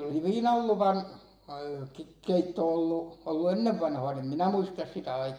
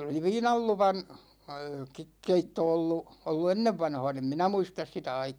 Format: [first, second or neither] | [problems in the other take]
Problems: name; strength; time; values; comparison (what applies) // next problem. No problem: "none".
second | room echo; dies away in 0.8 s